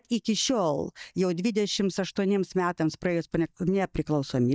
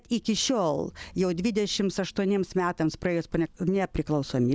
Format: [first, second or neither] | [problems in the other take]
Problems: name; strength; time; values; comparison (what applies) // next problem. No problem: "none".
second | noise reduction (neural mask model DeepFilterNet 3)